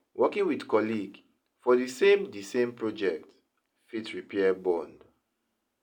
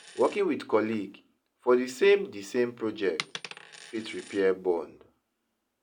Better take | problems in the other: first | background sound (Coin (dropping)); 19 dB below the speech

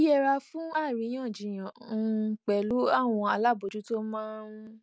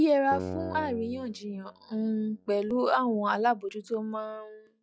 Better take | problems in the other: first | noise reduction (classical method log-MMSE)

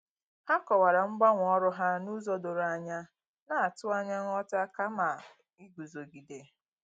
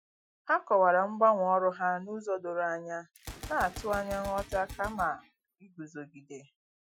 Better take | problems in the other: first | noise reduction (classical method Wiener filter)

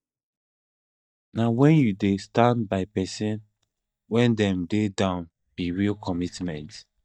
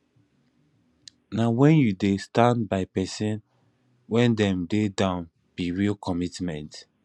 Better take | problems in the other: second | noise reduction (neural mask model DeepFilterNet 3)

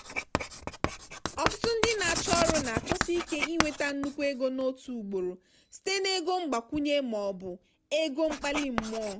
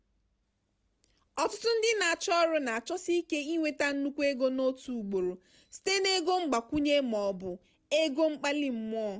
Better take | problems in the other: second | background sound (Writing); 4 dB below the speech

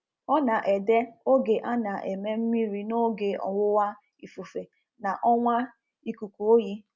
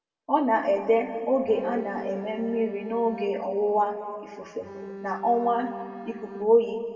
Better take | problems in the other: first | background sound (Bowed string instrument); 14 dB below the speech // room echo; dies away in 2 s

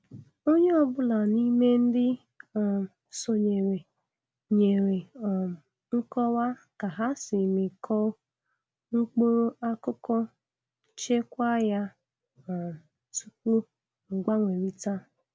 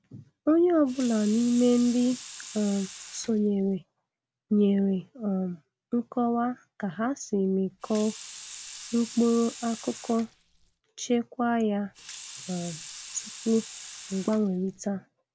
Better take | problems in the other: first | background sound (Sink (filling or washing) / Water tap, faucet); 15 dB below the speech

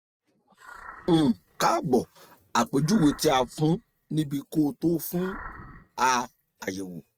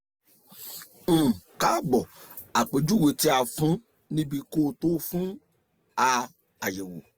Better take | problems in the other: second | noise reduction (neural mask model RNNoise)

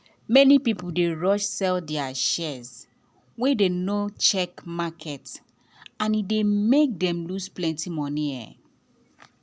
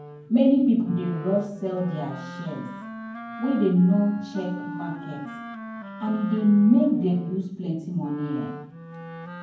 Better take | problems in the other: first | background sound (Wind instrument, woodwind instrument); 14 dB below the speech // room echo; dies away in 0.9 s

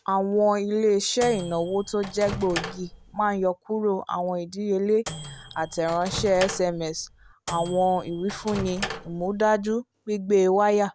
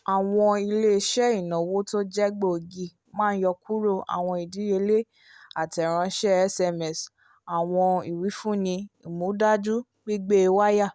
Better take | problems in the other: second | background sound (Microwave oven); 12 dB below the speech

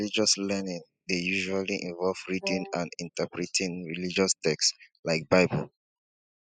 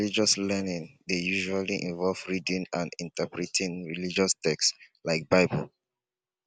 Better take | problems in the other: second | noise reduction (classical method spectral subtraction)

